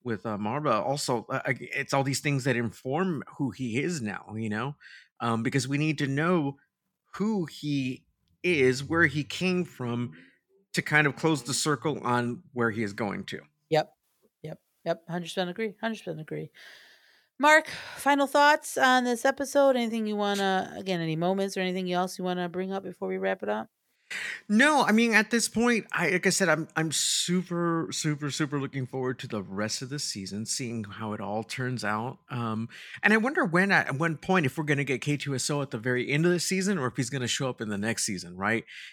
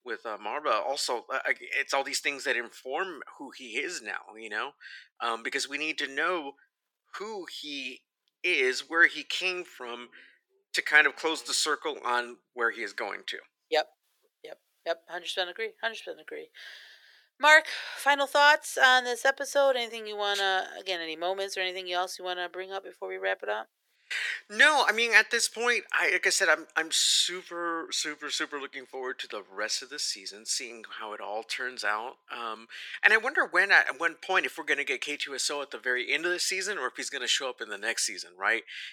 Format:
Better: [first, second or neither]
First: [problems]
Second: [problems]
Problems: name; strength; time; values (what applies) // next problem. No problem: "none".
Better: first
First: none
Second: thin; very; fading below 400 Hz